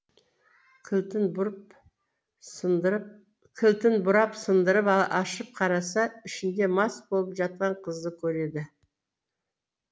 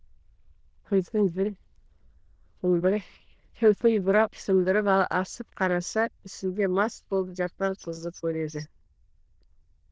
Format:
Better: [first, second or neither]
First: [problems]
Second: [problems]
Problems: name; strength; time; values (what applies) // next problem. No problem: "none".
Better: first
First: none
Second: noise reduction (neural diffusion model UNIVERSE++)